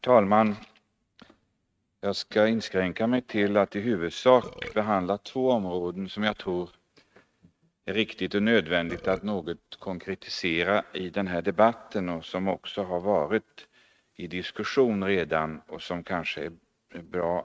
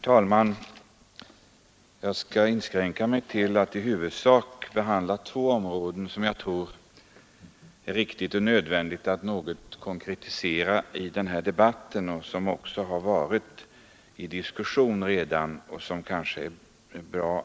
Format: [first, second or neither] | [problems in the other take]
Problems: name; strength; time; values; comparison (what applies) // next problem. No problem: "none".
second | noise reduction (neural mask model RNNoise)